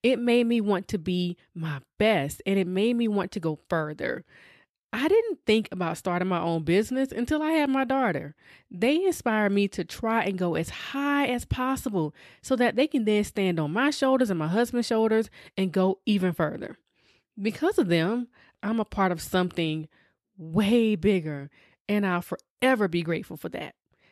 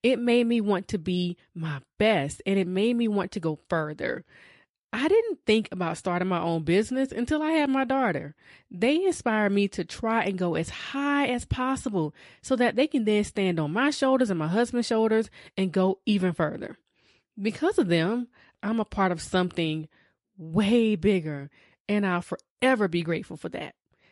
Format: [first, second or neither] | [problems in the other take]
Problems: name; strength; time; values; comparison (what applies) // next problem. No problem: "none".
first | garbled, watery; slightly; nothing above 11 kHz